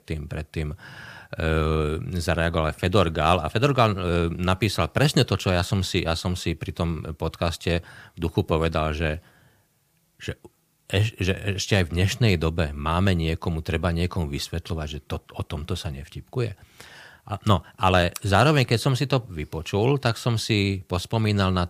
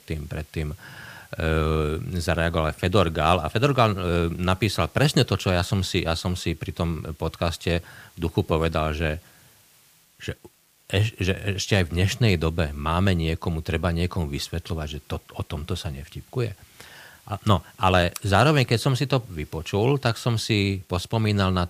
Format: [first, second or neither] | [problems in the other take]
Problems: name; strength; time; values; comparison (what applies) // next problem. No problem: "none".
first | hiss; faint; throughout; 30 dB below the speech